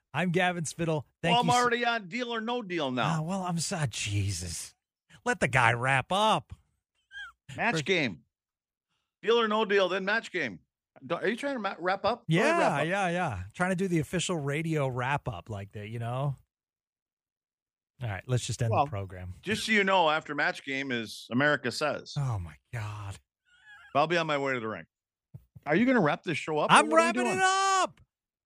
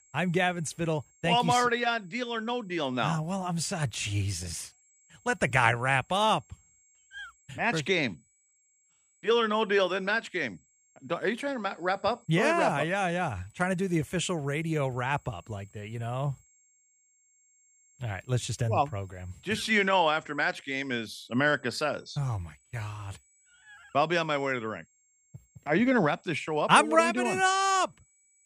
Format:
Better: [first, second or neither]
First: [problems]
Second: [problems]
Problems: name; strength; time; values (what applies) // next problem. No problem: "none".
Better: first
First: none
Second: high-pitched whine; faint; throughout; 7.5 kHz, 35 dB below the speech